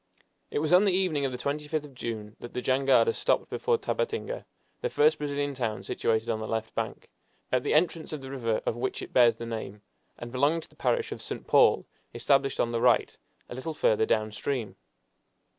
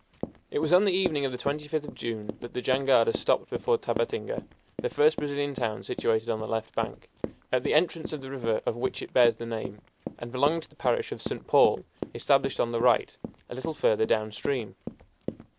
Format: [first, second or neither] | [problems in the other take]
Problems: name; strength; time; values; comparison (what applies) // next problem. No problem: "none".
first | background sound (Run); 12 dB below the speech